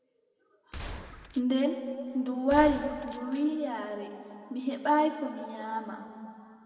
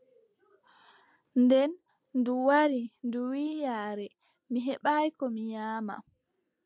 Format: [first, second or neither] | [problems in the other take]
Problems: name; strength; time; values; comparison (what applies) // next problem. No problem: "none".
second | background sound (Gunshot, gunfire); 14 dB below the speech // room echo; dies away in 2.3 s